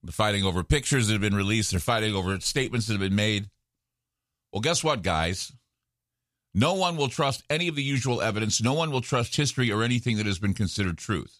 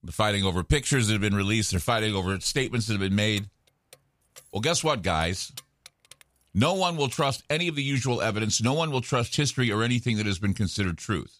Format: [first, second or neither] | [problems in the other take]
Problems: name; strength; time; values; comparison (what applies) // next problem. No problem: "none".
first | jangling keys; faint; from 3.5 to 7.5 s; peak 15 dB below the speech